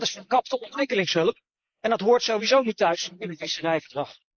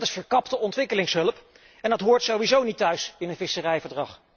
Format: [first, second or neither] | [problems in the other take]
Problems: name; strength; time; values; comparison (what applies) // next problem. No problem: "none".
second | noise reduction (neural mask model Resemble Enhance denoiser)